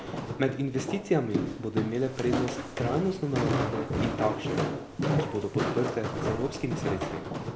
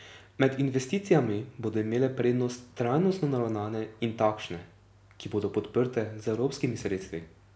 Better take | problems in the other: second | background sound (Walk, footsteps); as loud as the speech

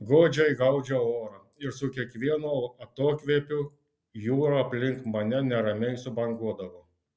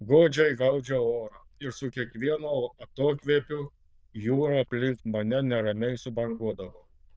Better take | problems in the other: first | noise reduction (neural diffusion model UNIVERSE++)

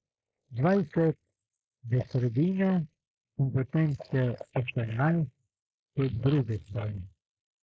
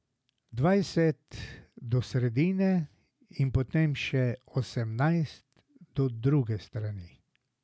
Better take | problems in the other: second | noise reduction (neural mask model Resemble Enhance denoiser)

